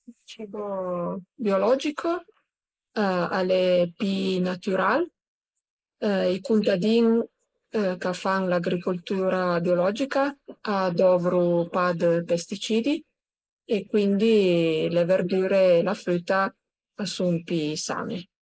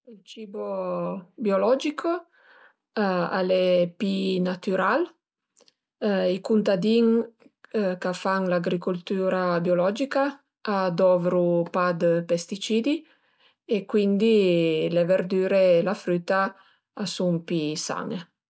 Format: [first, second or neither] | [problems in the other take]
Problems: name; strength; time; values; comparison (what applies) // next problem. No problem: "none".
second | noise reduction (neural mask model Resemble Enhance denoiser)